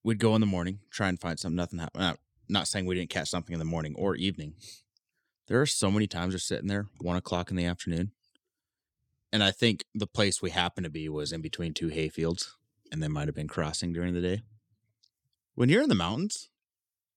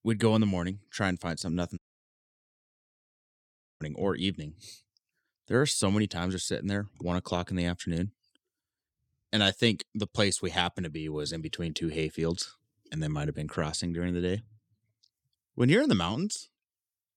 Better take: first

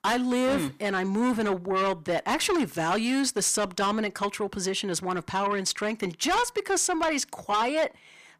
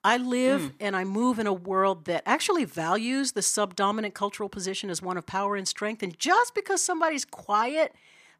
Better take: second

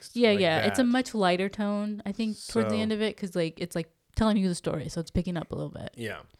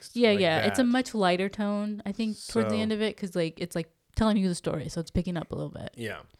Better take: neither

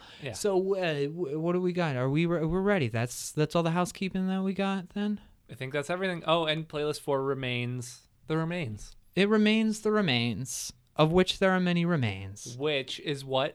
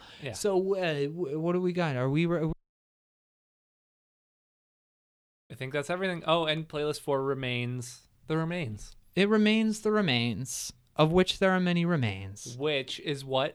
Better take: first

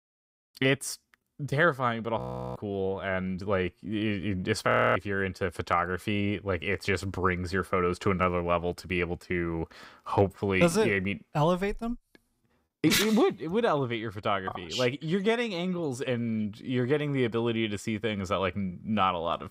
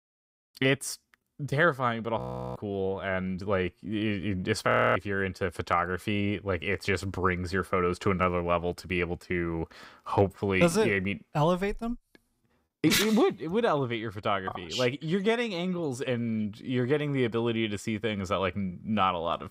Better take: neither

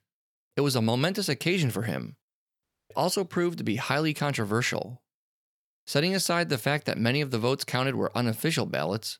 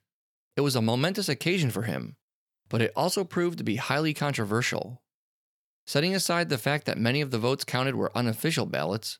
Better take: second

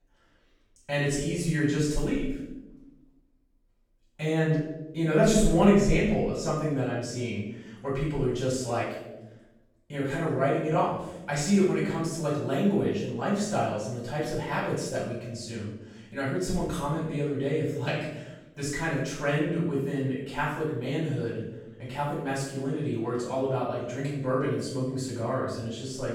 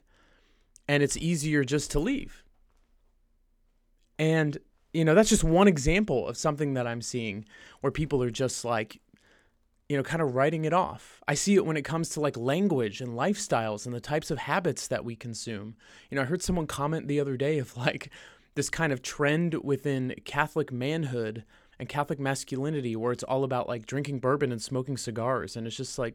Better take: second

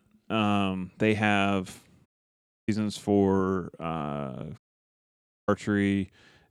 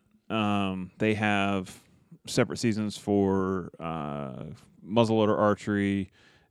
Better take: second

